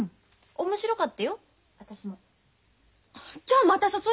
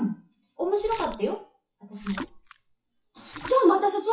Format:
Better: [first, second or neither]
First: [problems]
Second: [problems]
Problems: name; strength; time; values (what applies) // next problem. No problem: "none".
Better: first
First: none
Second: noise reduction (classical method WPE with log-MMSE)